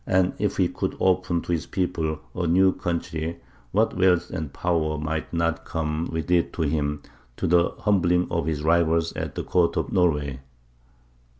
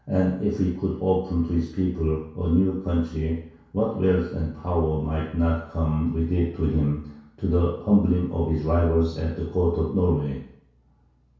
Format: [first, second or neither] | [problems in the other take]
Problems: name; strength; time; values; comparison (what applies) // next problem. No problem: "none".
first | room echo; dies away in 0.6 s